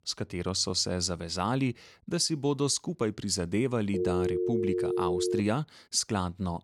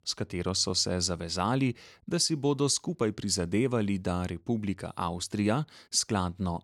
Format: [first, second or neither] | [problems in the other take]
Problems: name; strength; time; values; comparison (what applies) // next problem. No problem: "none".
second | phone ringing; loud; from 4 to 5.5 s; peak 1 dB above the speech